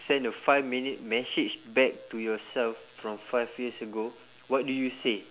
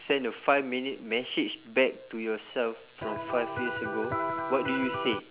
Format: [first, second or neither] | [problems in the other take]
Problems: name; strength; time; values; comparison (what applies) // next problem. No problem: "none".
first | background sound (Electric guitar); 2 dB below the speech